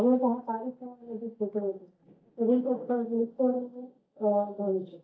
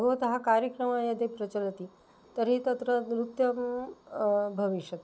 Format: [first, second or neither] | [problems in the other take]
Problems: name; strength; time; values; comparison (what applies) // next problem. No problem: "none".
second | noise reduction (neural mask model DeepFilterNet 3)